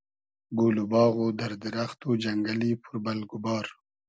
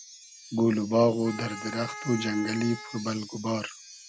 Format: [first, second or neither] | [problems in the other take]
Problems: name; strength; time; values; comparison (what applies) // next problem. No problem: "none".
first | background sound (Wind chime + Wind instrument, woodwind instrument); 14 dB below the speech